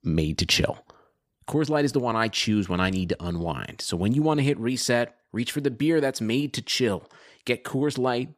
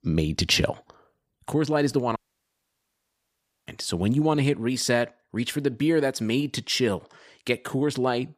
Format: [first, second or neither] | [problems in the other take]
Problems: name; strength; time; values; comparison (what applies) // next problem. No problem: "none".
first | audio cutting out; at 2 s for 1.5 s